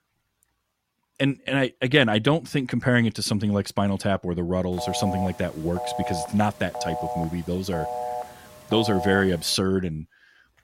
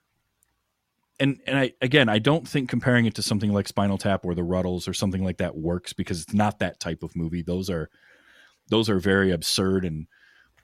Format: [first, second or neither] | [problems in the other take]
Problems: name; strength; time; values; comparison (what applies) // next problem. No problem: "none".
second | phone ringing; noticeable; from 4.5 to 9.5 s; peak 5 dB below the speech